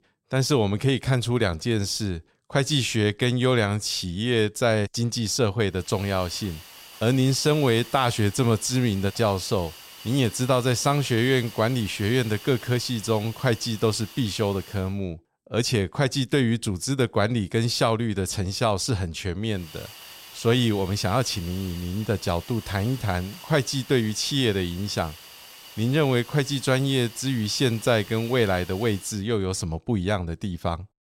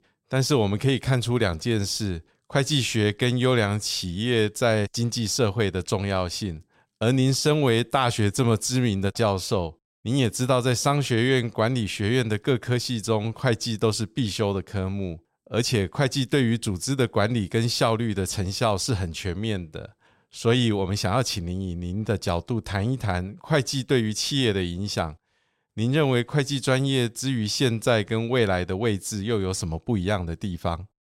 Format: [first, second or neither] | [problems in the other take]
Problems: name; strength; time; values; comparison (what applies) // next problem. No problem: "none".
second | hiss; noticeable; from 6 to 15 s and from 20 to 29 s; 15 dB below the speech